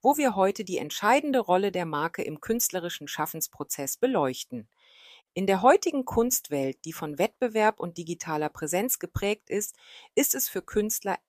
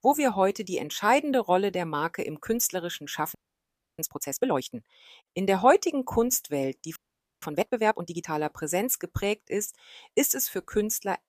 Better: first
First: none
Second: audio freezing; at 3.5 s for 0.5 s and at 7 s

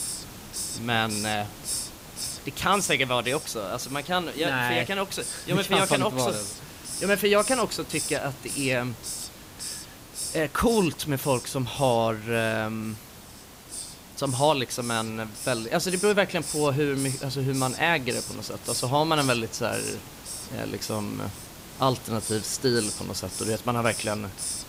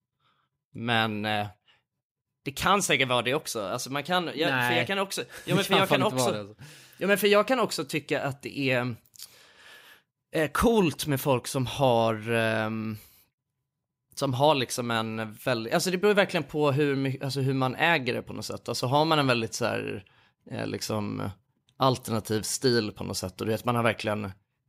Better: second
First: hiss; loud; throughout; 8 dB below the speech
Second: none

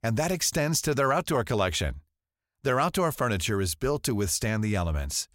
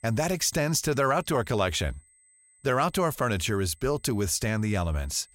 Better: first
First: none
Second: high-pitched whine; faint; throughout; 8 kHz, 30 dB below the speech

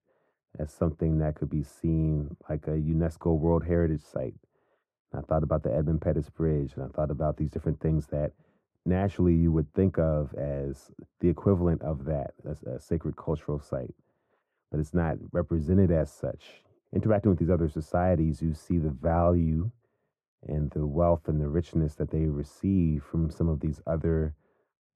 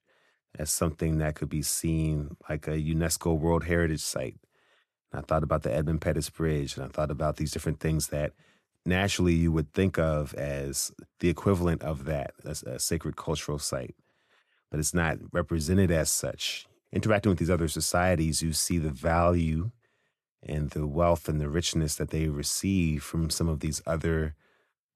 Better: second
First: muffled; very; fading above 2 kHz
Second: none

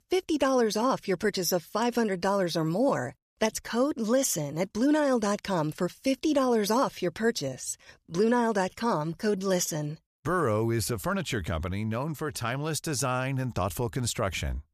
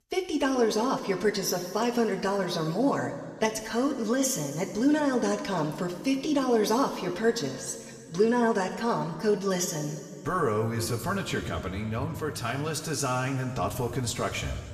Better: first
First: none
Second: room echo; slight; dies away in 1.9 s

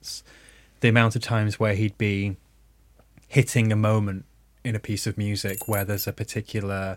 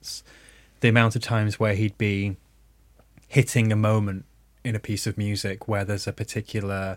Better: second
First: jangling keys; noticeable; at 5.5 s; peak 7 dB below the speech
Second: none

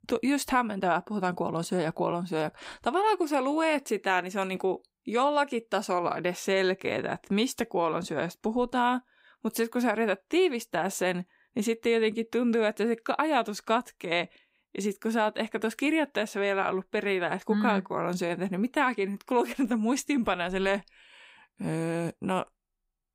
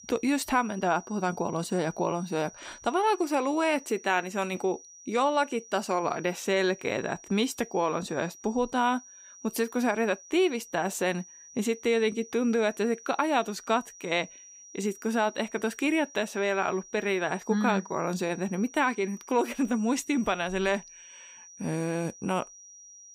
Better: first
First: none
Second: high-pitched whine; noticeable; throughout; 6 kHz, 20 dB below the speech

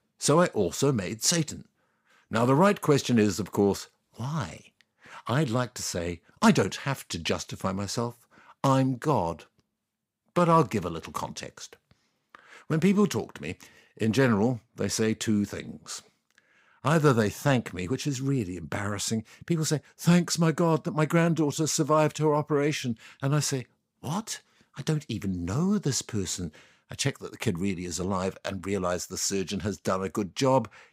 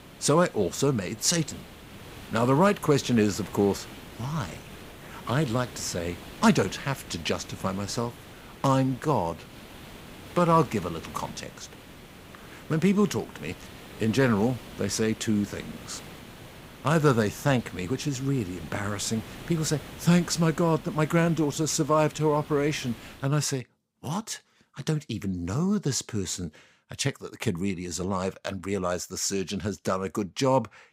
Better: first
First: none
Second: hiss; noticeable; until 23 s; 15 dB below the speech

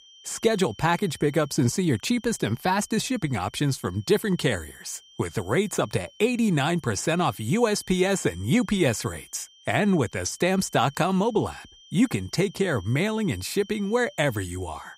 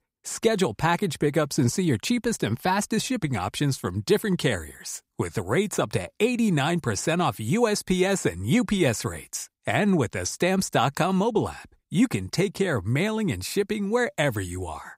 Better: second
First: high-pitched whine; faint; throughout; 3 kHz, 25 dB below the speech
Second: none

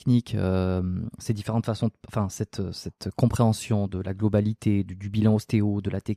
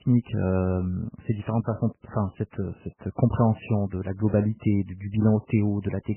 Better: first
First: none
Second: garbled, watery; badly; nothing above 3 kHz

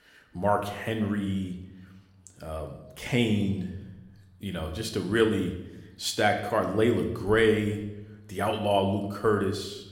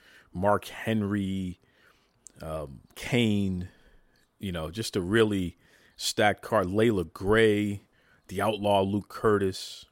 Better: second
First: room echo; slight; dies away in 0.8 s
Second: none

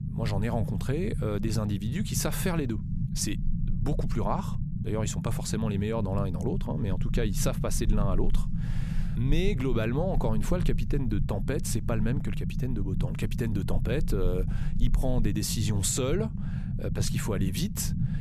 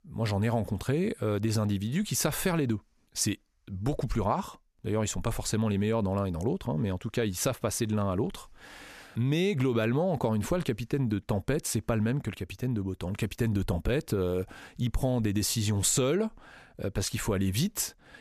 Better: second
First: low rumble; loud; throughout; 9 dB below the speech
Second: none

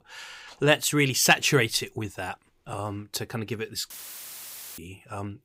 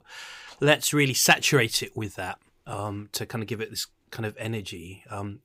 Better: second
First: audio cutting out; filled with static; at 4 s for 1 s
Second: none

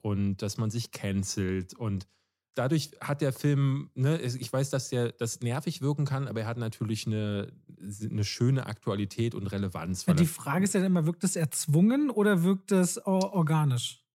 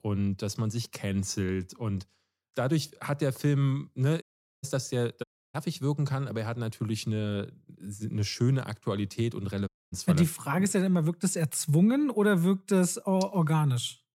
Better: first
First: none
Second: audio cutting out; at 4 s, at 5 s and at 9.5 s

